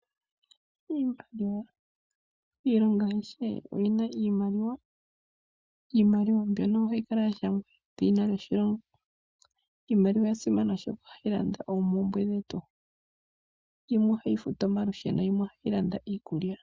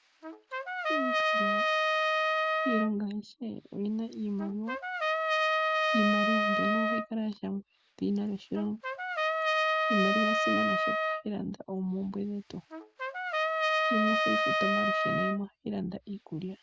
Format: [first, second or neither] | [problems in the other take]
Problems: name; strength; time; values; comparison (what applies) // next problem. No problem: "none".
first | background sound (Trumpet); 4 dB above the speech